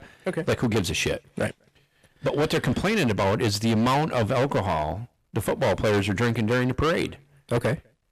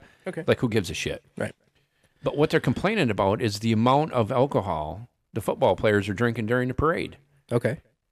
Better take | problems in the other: second | distortion; heavy; 16% of the sound clipped

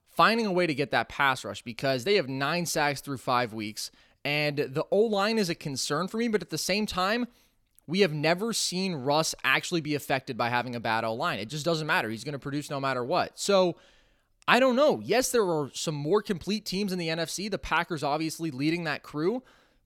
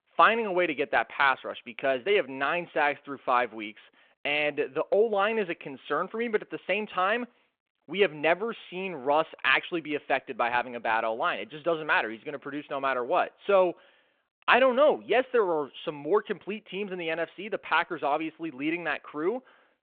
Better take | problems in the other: first | phone-call audio

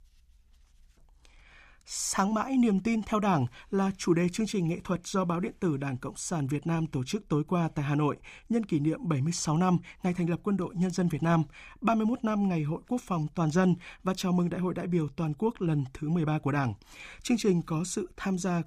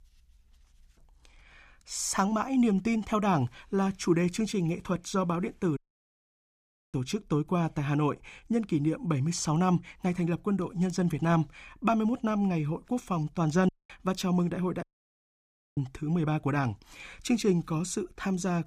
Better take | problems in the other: first | audio cutting out; at 6 s for 1 s, at 14 s and at 15 s for 1 s

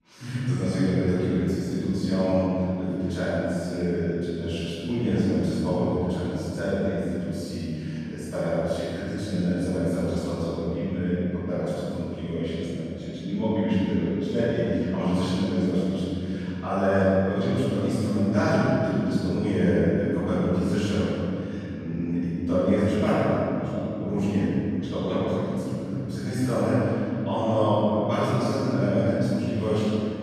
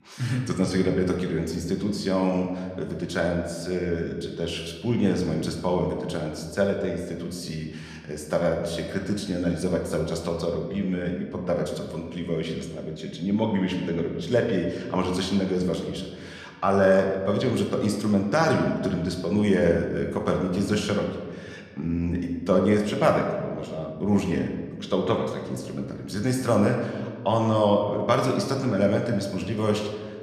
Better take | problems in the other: second | room echo; strong; dies away in 3 s; slight in the second // off-mic speech; far

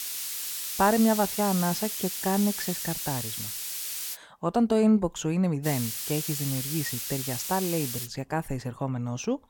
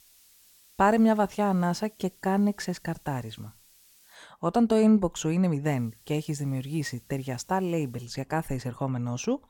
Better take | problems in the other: second | hiss; loud; until 4 s and from 5.5 to 8 s; 3 dB below the speech; faint in the second

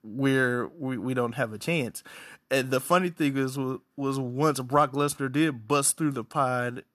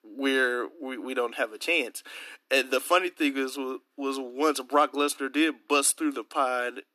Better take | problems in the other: first | thin; very slightly; fading below 300 Hz

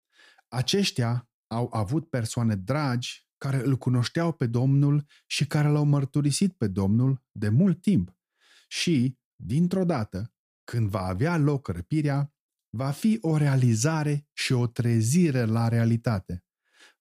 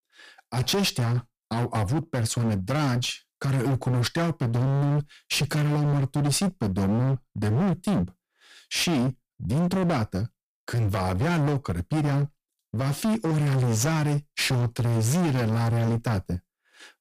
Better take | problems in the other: first | distortion; heavy; 31% of the sound clipped

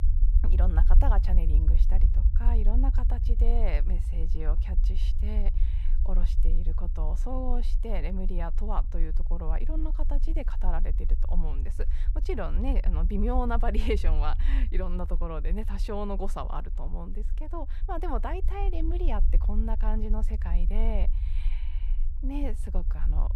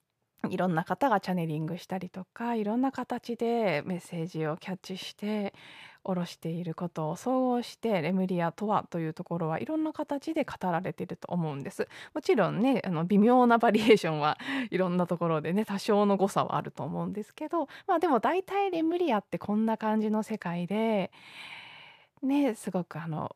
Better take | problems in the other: second | low rumble; noticeable; throughout; 15 dB below the speech

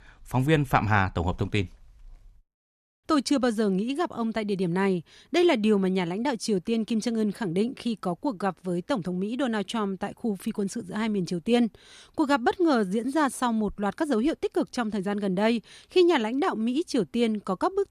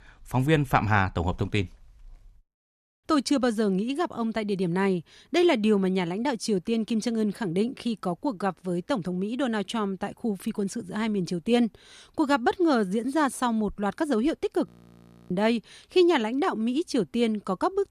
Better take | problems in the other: first | audio freezing; at 15 s for 0.5 s

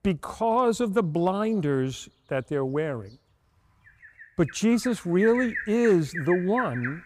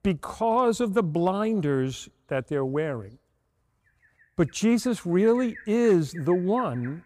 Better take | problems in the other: second | animal sounds; loud; throughout; 10 dB below the speech; faint in the second

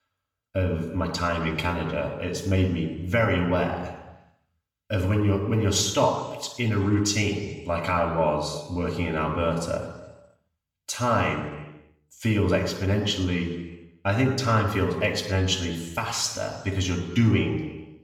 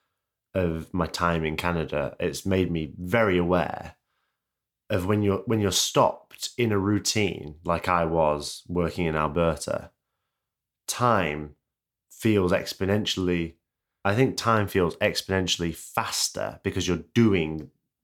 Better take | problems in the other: second | room echo; noticeable; dies away in 1.1 s // off-mic speech; somewhat distant

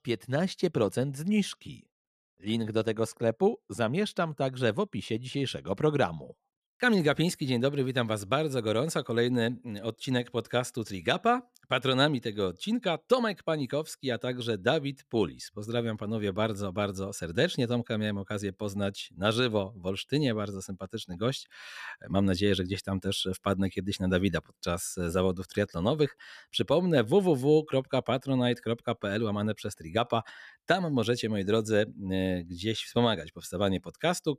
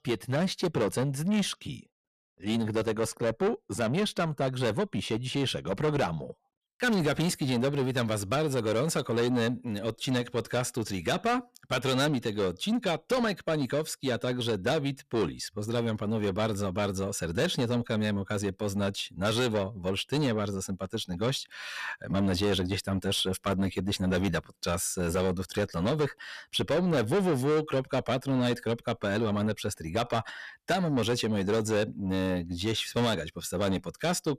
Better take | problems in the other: first | distortion; heavy; 7 dB below the speech

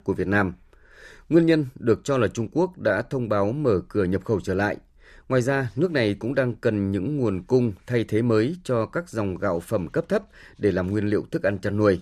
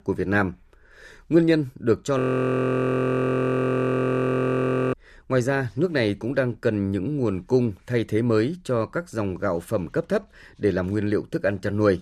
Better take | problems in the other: first | audio freezing; at 2 s for 2.5 s

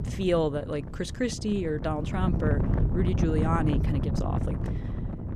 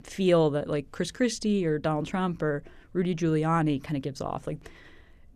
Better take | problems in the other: second | wind noise on the microphone; heavy; 7 dB below the speech

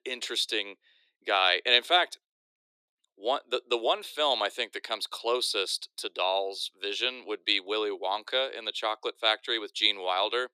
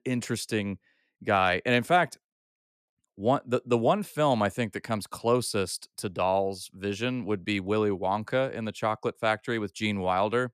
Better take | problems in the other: second | thin; very; fading below 350 Hz

